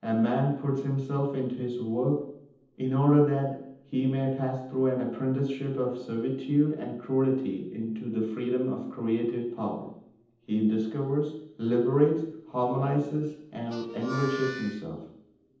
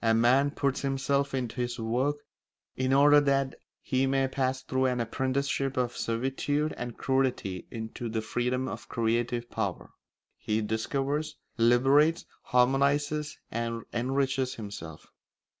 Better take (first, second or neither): second